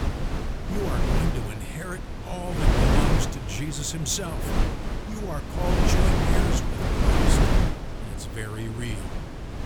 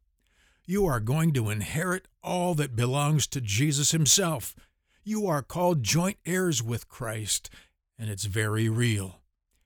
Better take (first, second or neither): second